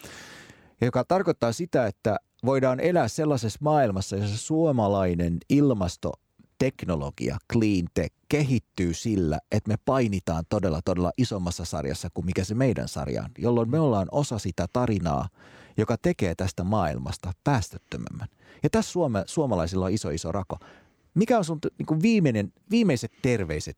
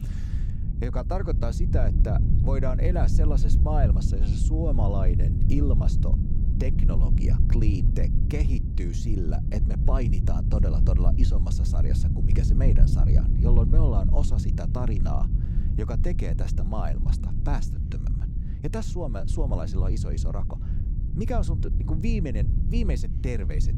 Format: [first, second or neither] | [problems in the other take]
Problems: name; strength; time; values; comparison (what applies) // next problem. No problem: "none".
first | low rumble; loud; throughout; 4 dB below the speech